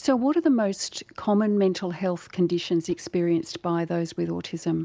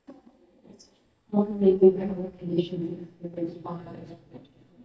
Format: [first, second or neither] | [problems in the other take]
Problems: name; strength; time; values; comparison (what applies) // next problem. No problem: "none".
first | noise reduction (neural mask model DeepFilterNet 3)